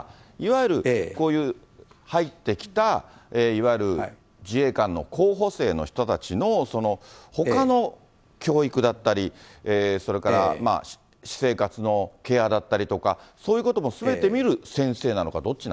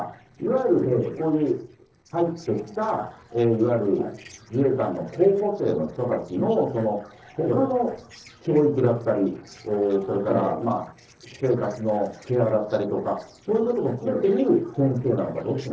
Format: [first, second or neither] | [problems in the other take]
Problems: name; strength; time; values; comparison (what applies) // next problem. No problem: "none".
first | noise reduction (neural separator model SepFormer DNS4)